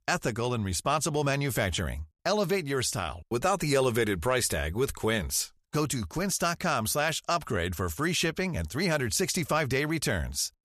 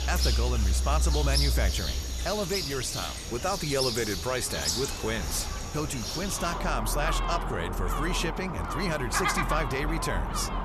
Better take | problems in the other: first | animal sounds; very loud; throughout; 1 dB above the speech

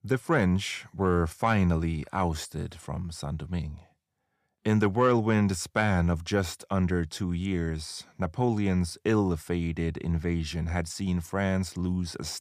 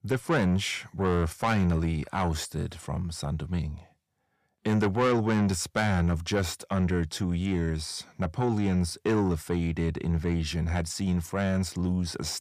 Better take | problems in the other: first | distortion; slight; 10 dB below the speech

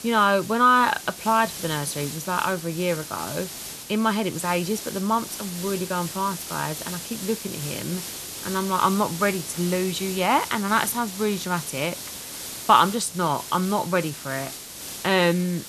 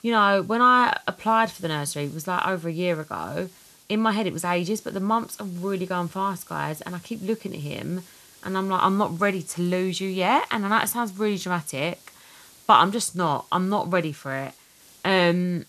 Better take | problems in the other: second | hiss; loud; throughout; 9 dB below the speech; faint in the second

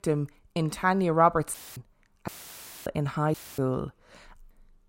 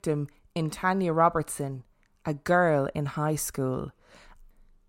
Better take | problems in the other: second | audio cutting out; filled with static; at 1.5 s, at 2.5 s for 0.5 s and at 3.5 s

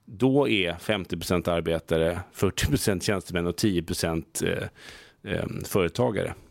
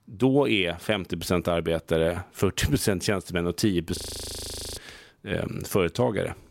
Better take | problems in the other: first | audio freezing; at 4 s for 1 s

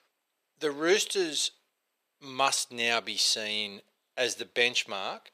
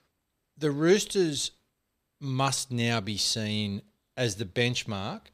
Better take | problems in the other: second | thin; very; fading below 550 Hz

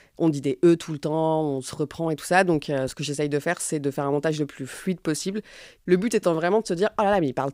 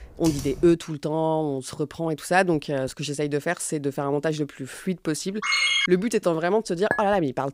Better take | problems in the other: first | keyboard typing; noticeable; at the start; peak 9 dB below the speech // phone ringing; loud; at 5.5 s; peak 6 dB above the speech // clattering dishes; noticeable; at 7 s; peak 5 dB below the speech

